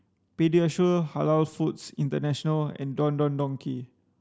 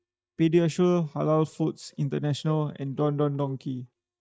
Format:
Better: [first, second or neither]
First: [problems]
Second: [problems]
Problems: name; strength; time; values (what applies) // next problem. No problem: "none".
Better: first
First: none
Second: noise reduction (neural mask model DeepFilterNet 3)